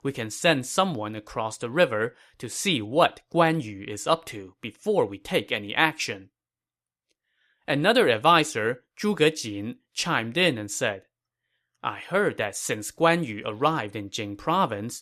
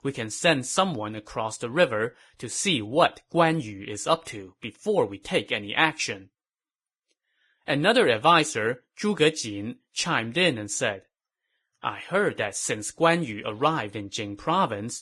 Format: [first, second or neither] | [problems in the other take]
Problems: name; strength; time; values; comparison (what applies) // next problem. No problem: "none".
first | garbled, watery; badly; nothing above 10.5 kHz